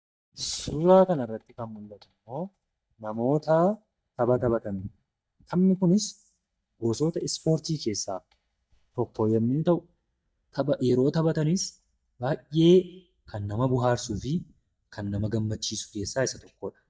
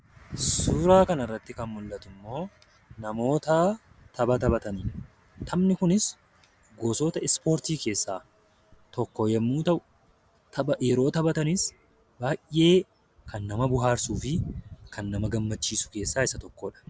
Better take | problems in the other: second | noise reduction (neural mask model DeepFilterNet 3)

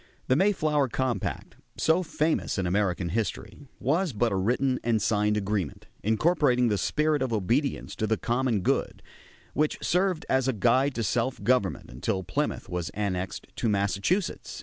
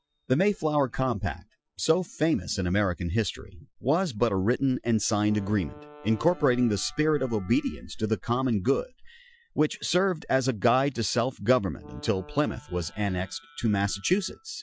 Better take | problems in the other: first | noise reduction (classical method Wiener filter)

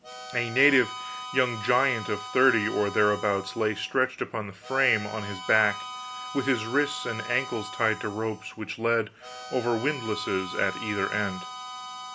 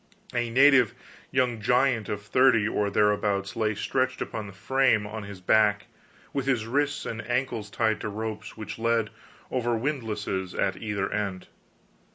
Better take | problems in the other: second | background sound (Harmonica); 11 dB below the speech

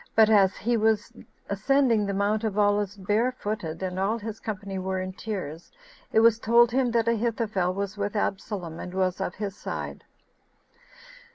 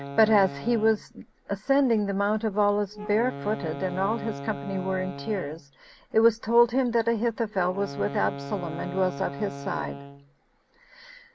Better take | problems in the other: first | background sound (Wind instrument, woodwind instrument); 12 dB below the speech

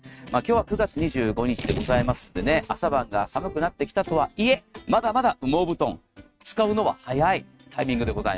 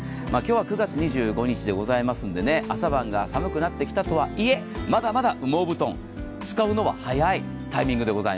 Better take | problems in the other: second | noise reduction (neural mask model RNNoise)

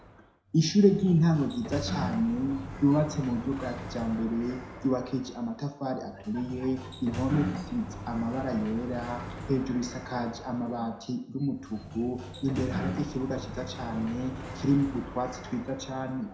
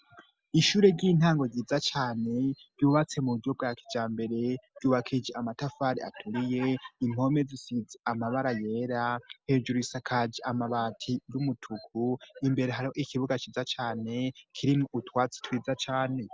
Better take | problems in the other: second | background sound (Sliding door); 10 dB below the speech // room echo; dies away in 0.6 s

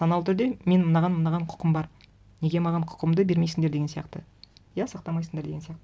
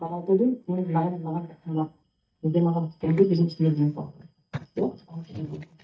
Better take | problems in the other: first | noise reduction (neural mask model DeepFilterNet 3)

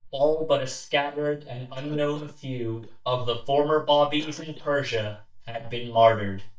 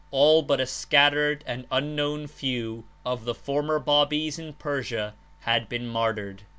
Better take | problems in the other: second | noise reduction (neural mask model DeepFilterNet 3)

